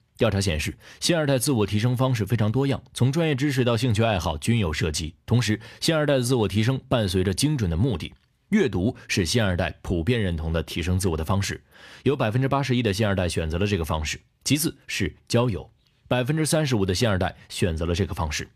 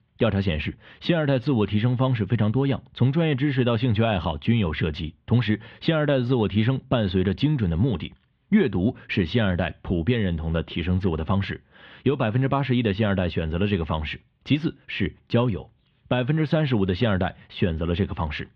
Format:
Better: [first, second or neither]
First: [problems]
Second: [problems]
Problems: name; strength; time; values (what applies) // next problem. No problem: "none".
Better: first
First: none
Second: muffled; very; fading above 3.5 kHz